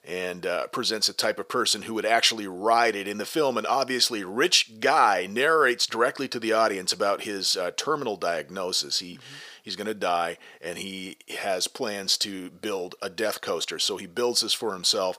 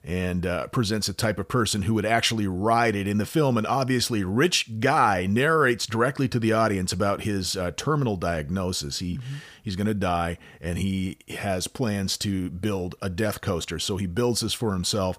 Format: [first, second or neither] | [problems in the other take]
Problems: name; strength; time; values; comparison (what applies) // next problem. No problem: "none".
second | thin; somewhat; fading below 450 Hz